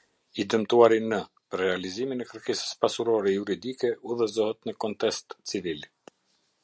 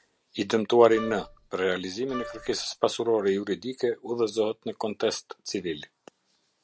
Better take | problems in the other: first | background sound (Wind instrument, woodwind instrument); 13 dB below the speech

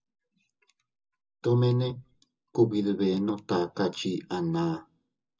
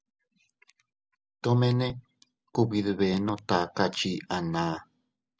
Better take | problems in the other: second | room echo; dies away in 0.2 s

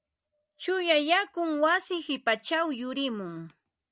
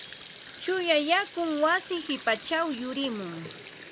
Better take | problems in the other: first | background sound (Sink (filling or washing)); 16 dB below the speech

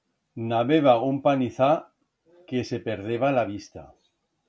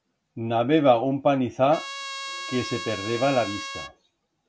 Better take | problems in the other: first | background sound (Trumpet); 10 dB below the speech

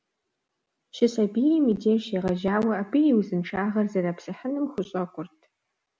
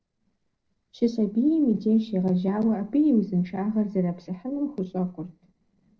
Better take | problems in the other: first | noise reduction (neural separator model SepFormer DNS4)

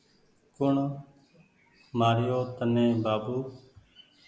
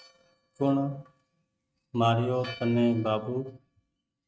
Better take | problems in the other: first | noise reduction (neural mask model RNNoise)

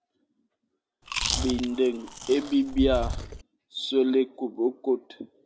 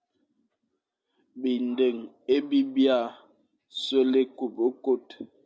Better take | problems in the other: second | background sound (Chewing, mastication); 5 dB below the speech

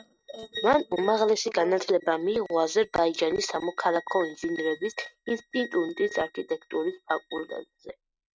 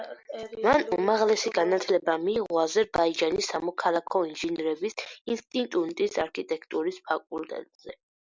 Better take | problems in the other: second | noise reduction (neural mask model RNNoise)

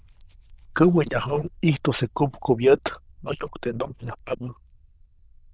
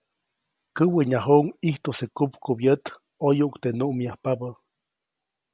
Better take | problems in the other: second | noise reduction (neural diffusion model UNIVERSE++)

